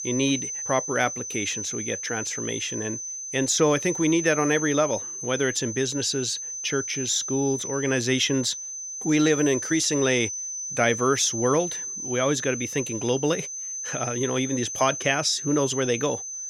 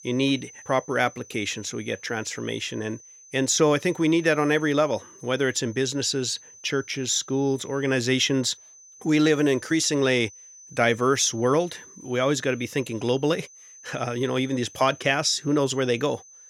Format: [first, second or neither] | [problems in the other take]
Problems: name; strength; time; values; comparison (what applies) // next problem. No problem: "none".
second | high-pitched whine; loud; throughout; 6 kHz, 6 dB below the speech; faint in the second